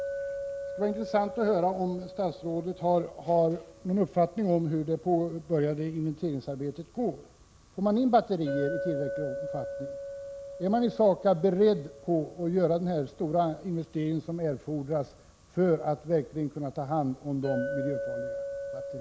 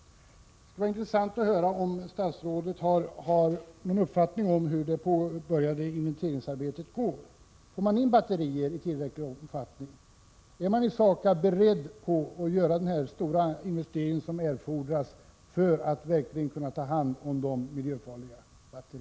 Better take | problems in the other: second | background sound (Chink, clink); 11 dB below the speech

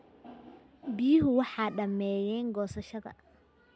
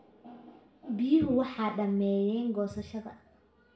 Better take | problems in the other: first | room echo; dies away in 0.4 s

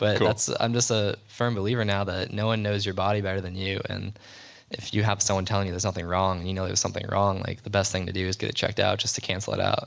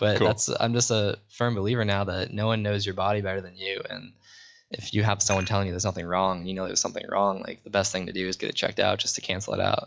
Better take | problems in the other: first | noise reduction (classical method log-MMSE)

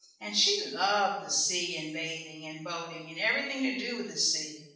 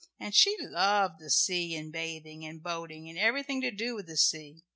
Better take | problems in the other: second | room echo; dies away in 0.7 s

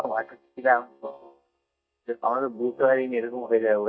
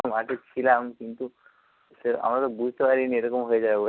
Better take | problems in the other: second | noise reduction (neural mask model DeepFilterNet 3)

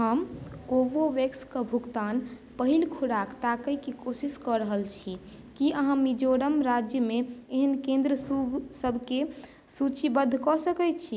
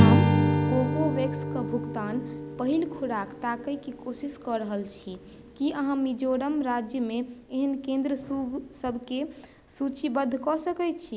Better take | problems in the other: first | background sound (Strum); as loud as the speech

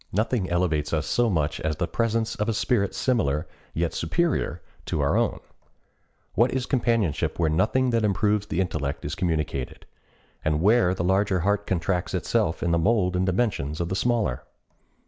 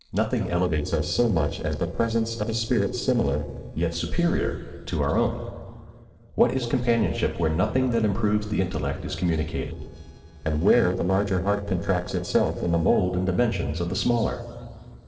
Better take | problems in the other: first | noise reduction (neural separator model SepFormer DNS4)

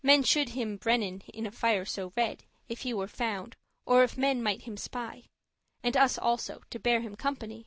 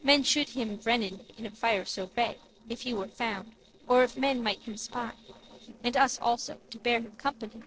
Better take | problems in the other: first | noise reduction (neural separator model SepFormer DNS4)

